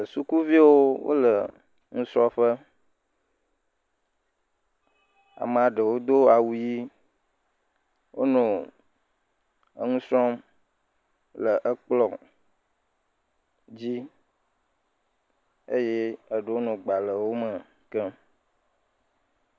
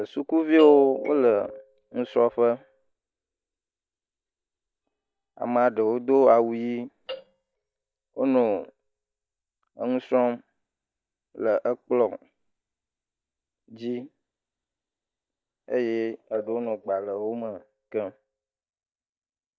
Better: first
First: none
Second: noise reduction (neural mask model DeepFilterNet 3)

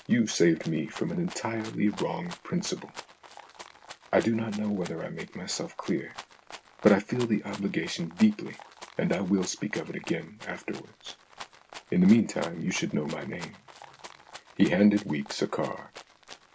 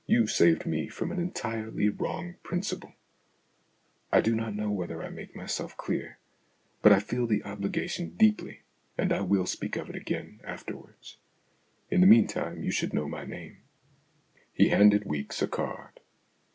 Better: second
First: background sound (Rattle (instrument)); 18 dB below the speech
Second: none

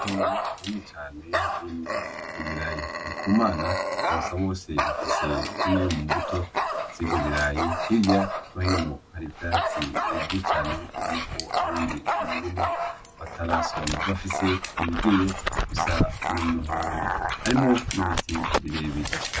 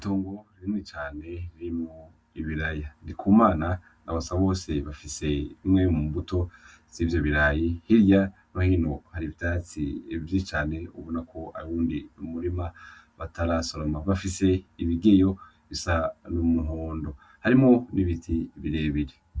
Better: second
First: background sound (Dog); as loud as the speech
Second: none

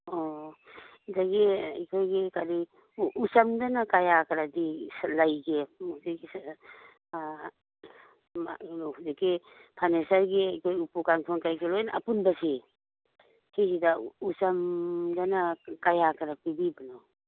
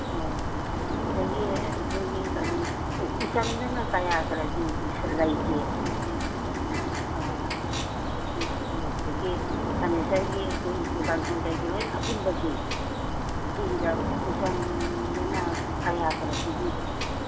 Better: first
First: none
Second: background sound (Bird); 4 dB above the speech // room echo; dies away in 1.8 s

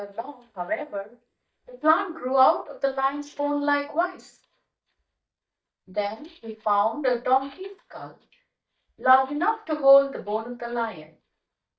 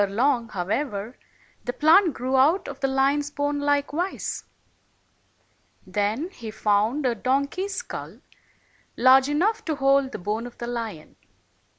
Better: second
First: noise reduction (neural mask model DeepFilterNet 3)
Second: none

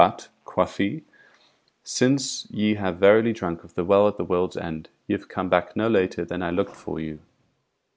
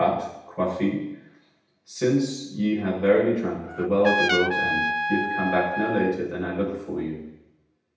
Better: first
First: none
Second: background sound (Trumpet); 2 dB below the speech // room echo; dies away in 0.9 s

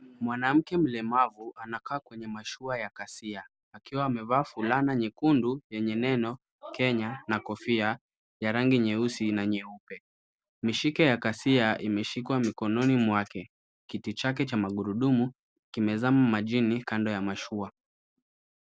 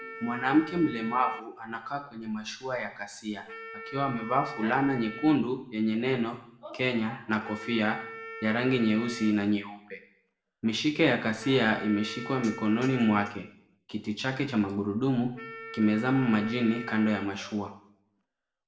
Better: first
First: none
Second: background sound (Wind instrument, woodwind instrument); 15 dB below the speech // room echo; dies away in 0.6 s

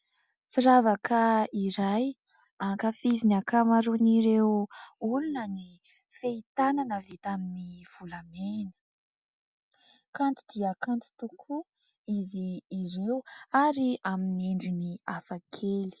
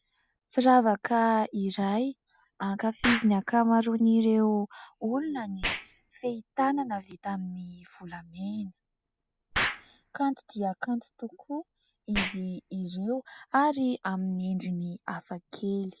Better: first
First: none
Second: background sound (Explosion); 12 dB below the speech

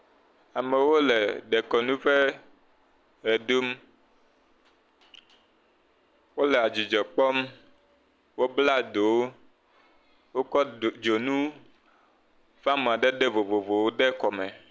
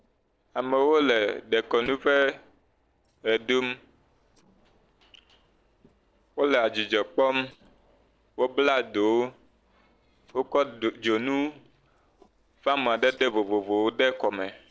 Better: first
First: none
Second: noise reduction (neural separator model SepFormer DNS4)

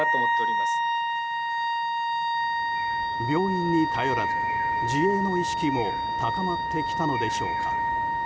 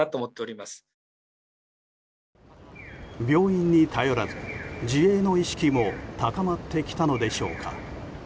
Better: second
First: background sound (Wind instrument, woodwind instrument); 4 dB above the speech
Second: none

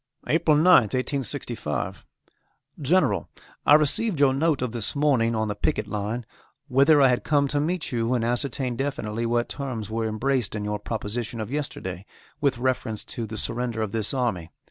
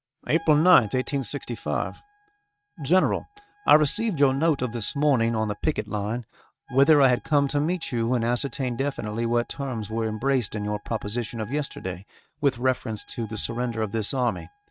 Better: first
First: none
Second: noise reduction (neural mask model RNNoise)

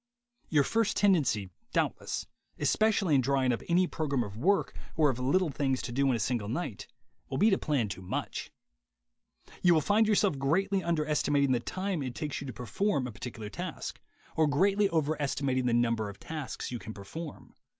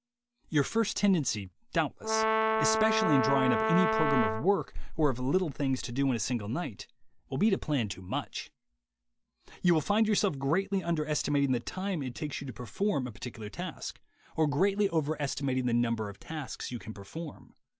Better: first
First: none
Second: background sound (Brass instrument); 1 dB above the speech

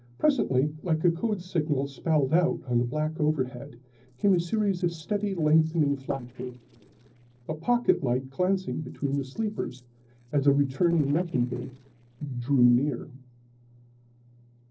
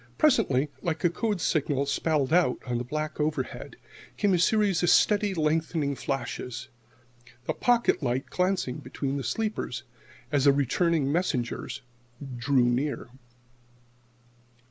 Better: second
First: noise reduction (neural separator model SepFormer DNS4)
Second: none

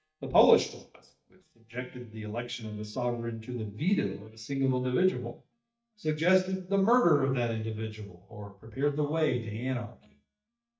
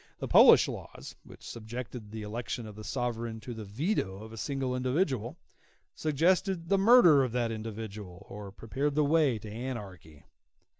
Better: second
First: noise reduction (neural mask model DeepFilterNet 3)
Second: none

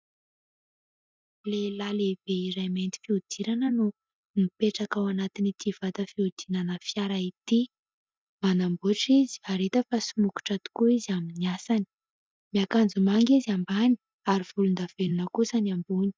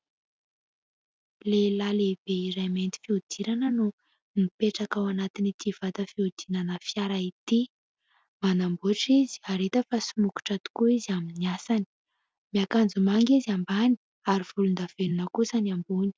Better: second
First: noise reduction (neural mask model DeepFilterNet 3)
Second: none

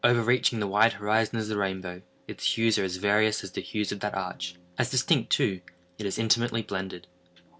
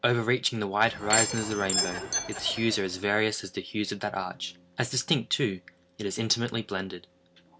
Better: first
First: none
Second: background sound (Door / Chime); 1 dB below the speech

